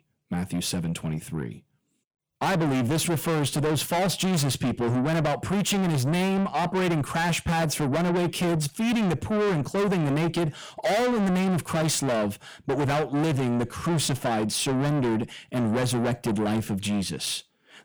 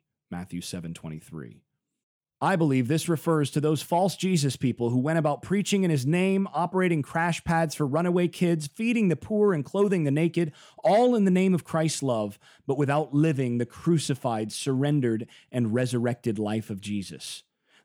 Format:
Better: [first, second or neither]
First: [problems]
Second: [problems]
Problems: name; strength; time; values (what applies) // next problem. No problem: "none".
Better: second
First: distortion; heavy; 5 dB below the speech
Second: none